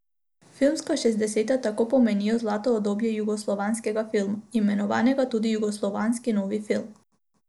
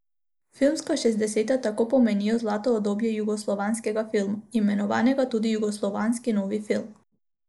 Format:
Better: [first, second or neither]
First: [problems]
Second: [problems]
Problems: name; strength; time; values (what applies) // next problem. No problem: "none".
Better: first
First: none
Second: noise reduction (neural mask model Resemble Enhance denoiser)